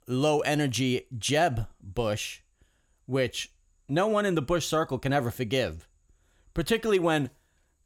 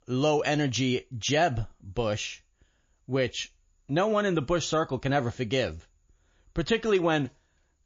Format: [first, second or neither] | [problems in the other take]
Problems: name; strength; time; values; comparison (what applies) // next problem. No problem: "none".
first | garbled, watery; slightly; nothing above 6.5 kHz